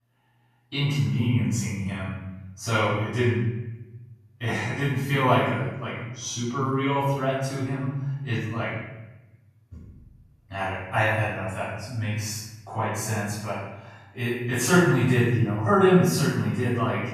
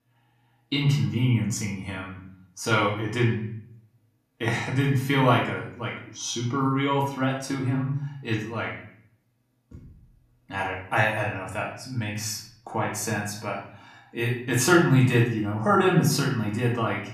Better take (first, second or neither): second